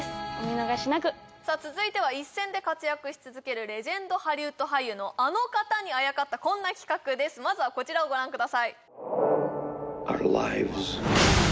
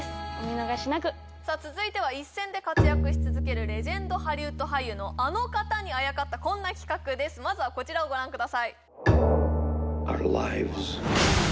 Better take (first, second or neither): first